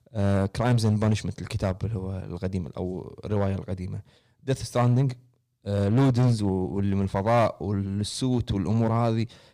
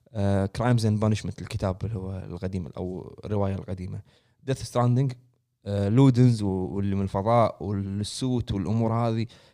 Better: second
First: distortion; slight; 4% of the sound clipped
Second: none

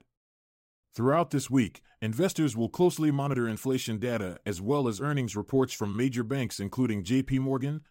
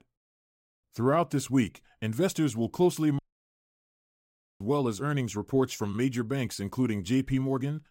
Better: first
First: none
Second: audio cutting out; at 3 s for 1.5 s

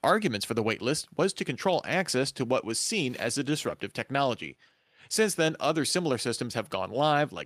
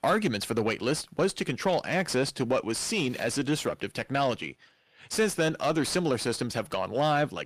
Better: first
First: none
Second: distortion; slight; 10 dB below the speech

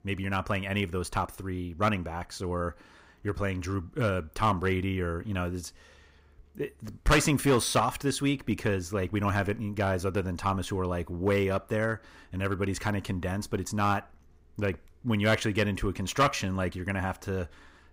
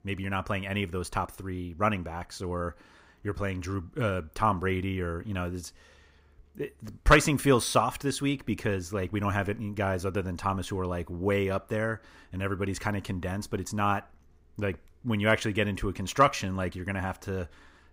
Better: second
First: distortion; slight; 1.5% of the sound clipped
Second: none

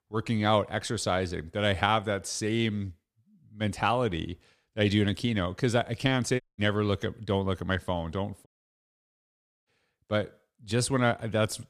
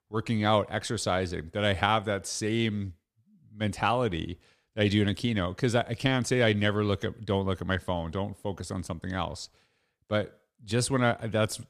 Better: second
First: audio cutting out; at 6.5 s and at 8.5 s for 1 s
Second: none

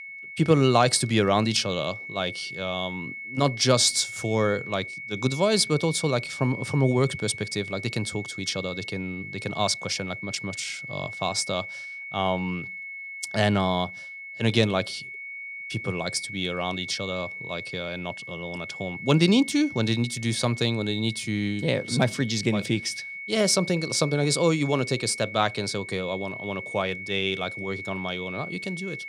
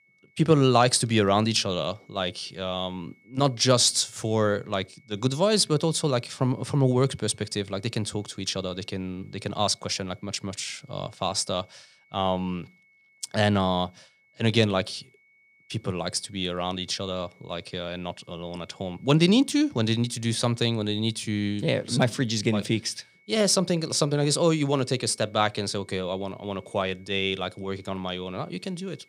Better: second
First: high-pitched whine; loud; throughout; 2 kHz, 10 dB below the speech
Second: high-pitched whine; faint; throughout; 2 kHz, 35 dB below the speech

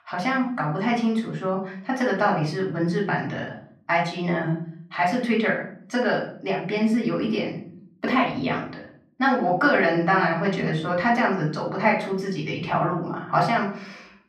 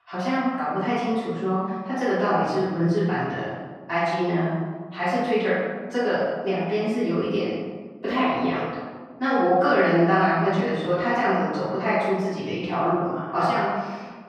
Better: first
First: room echo; slight; dies away in 0.5 s // off-mic speech; far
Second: room echo; strong; dies away in 1.3 s // off-mic speech; far

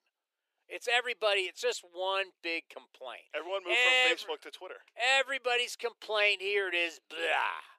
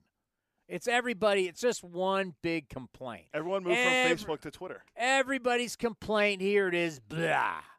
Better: second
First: thin; very; fading below 400 Hz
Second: none

